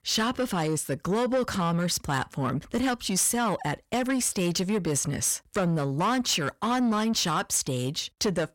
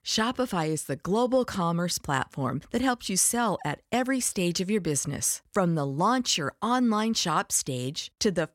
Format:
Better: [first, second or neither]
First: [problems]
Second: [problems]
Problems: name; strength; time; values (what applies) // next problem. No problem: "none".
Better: second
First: distortion; slight; 10 dB below the speech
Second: none